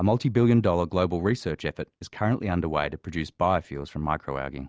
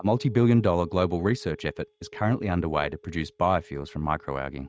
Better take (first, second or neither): first